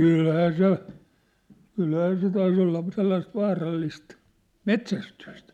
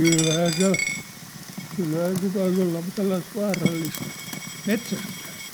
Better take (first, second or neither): first